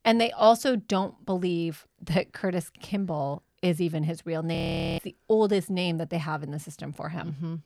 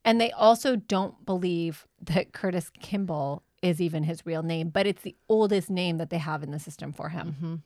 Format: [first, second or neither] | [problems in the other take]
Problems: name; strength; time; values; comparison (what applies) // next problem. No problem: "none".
second | audio freezing; at 4.5 s